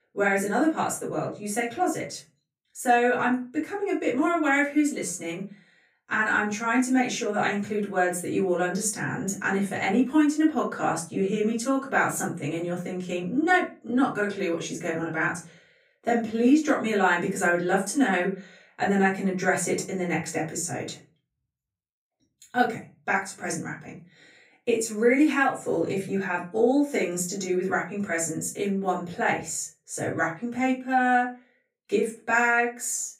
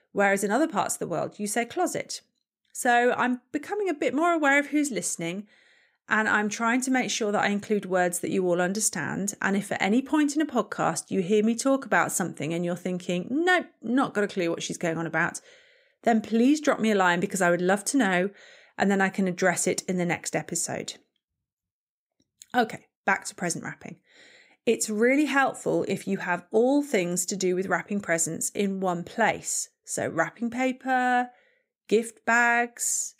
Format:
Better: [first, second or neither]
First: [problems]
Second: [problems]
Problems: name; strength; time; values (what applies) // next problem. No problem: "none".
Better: second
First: off-mic speech; far // room echo; slight; dies away in 0.3 s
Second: none